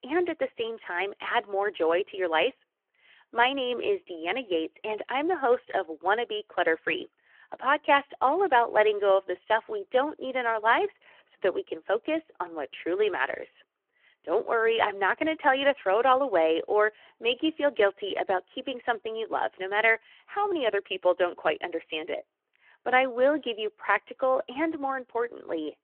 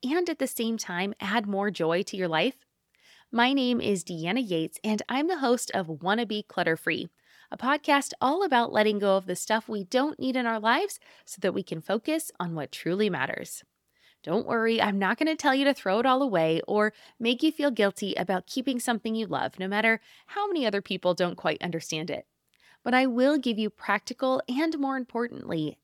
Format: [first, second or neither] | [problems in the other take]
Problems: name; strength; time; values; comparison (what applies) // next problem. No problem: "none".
second | phone-call audio